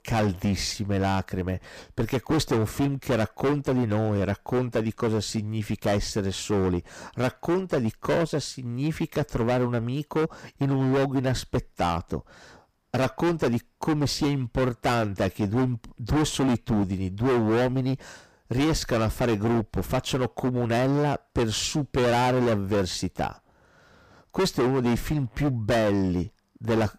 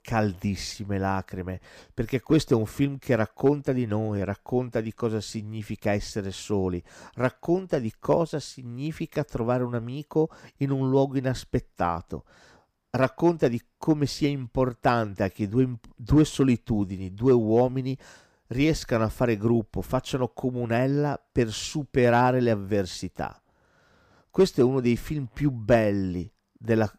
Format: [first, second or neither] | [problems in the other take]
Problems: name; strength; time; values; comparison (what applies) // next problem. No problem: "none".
second | distortion; heavy; 18% of the sound clipped